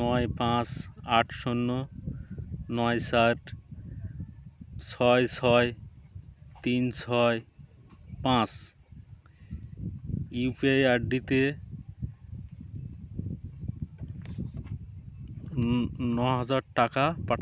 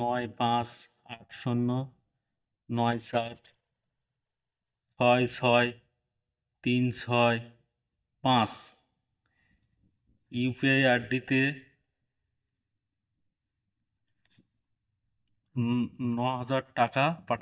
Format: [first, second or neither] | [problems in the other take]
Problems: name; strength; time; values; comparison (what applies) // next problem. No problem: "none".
first | noise reduction (neural mask model DeepFilterNet 3)